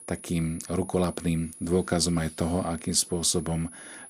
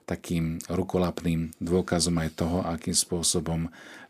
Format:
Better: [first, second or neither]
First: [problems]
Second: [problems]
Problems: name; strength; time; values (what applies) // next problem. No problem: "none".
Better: second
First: high-pitched whine; noticeable; throughout; 10.5 kHz, 15 dB below the speech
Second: none